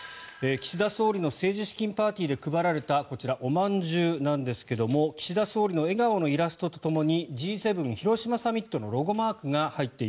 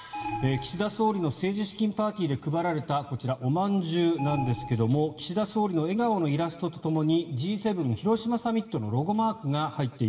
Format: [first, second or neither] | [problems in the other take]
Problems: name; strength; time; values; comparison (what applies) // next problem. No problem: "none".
first | background sound (Alarm); 11 dB below the speech // room echo; dies away in 2.4 s